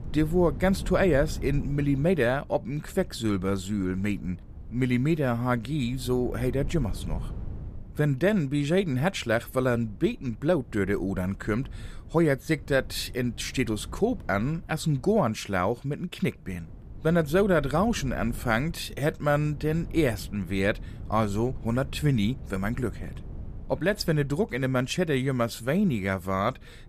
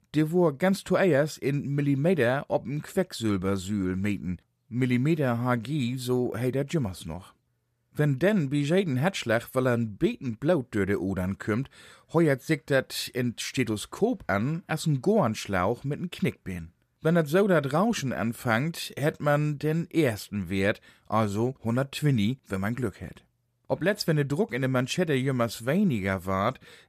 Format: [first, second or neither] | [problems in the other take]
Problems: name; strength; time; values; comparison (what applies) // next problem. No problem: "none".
second | wind noise on the microphone; occasional gusts; 25 dB below the speech